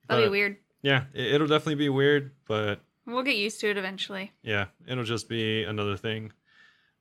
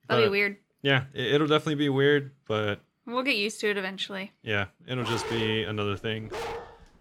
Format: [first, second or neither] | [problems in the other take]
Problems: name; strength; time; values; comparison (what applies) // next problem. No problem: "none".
first | dog barking; noticeable; from 5 s on; peak 6 dB below the speech